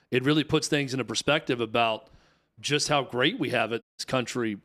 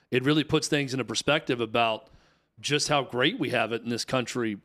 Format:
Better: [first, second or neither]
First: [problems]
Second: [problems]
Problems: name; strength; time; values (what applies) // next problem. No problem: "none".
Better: second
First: audio cutting out; at 4 s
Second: none